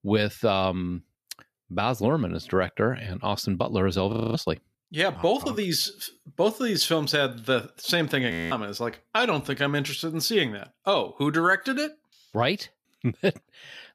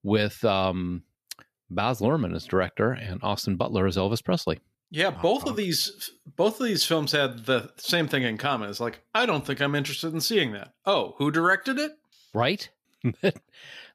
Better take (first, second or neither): second